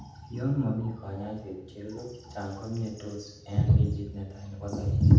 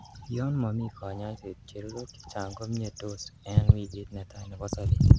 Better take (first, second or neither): second